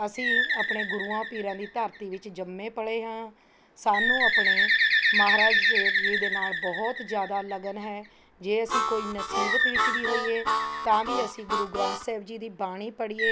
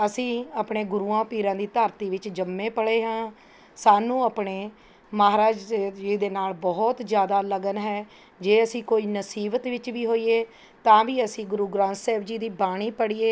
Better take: second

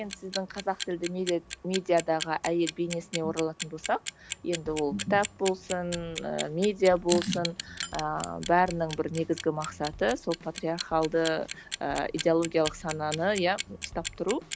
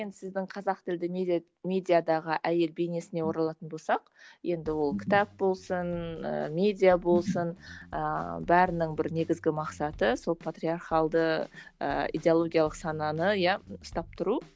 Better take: second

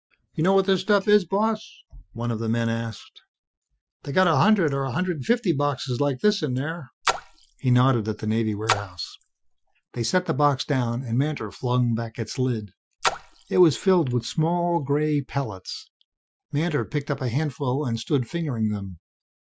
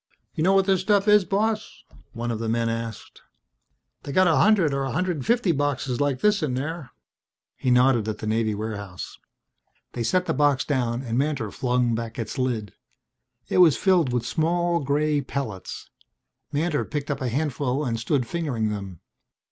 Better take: second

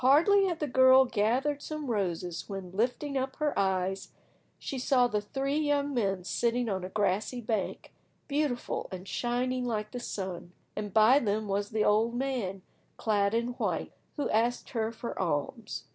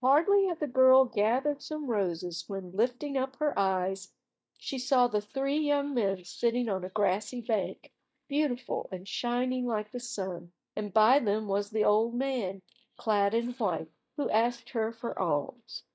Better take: first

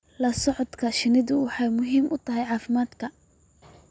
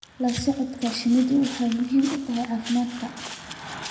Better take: first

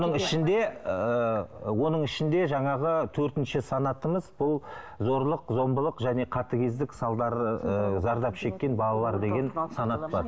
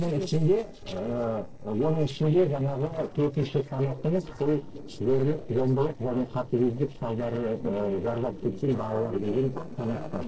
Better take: first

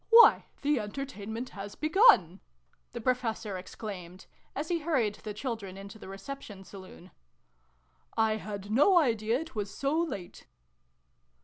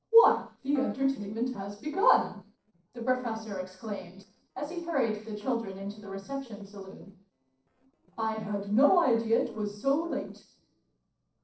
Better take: first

